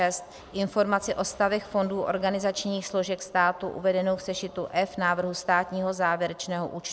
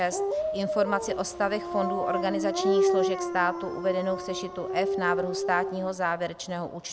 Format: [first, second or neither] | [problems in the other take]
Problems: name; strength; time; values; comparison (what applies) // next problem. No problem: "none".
first | background sound (Dog); 1 dB below the speech